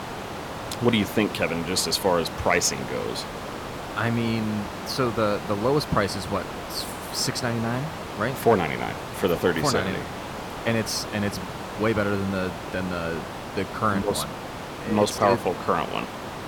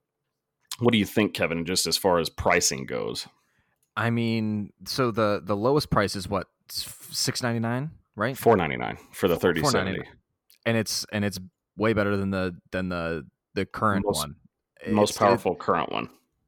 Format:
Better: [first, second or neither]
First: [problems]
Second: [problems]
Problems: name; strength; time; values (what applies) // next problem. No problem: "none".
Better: second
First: hiss; loud; throughout; 8 dB below the speech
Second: none